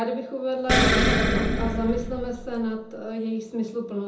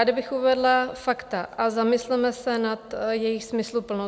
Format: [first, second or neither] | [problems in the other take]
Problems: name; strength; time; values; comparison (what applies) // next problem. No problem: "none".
second | background sound (Explosion); 5 dB above the speech // room echo; dies away in 0.5 s